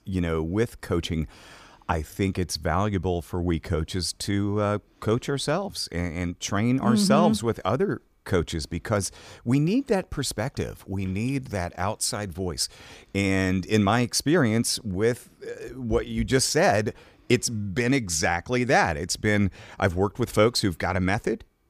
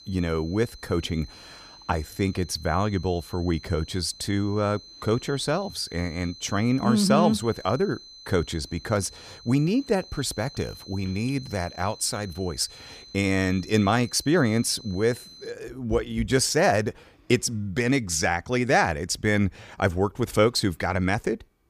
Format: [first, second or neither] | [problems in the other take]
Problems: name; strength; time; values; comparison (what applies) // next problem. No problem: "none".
first | high-pitched whine; noticeable; until 16 s; 4 kHz, 20 dB below the speech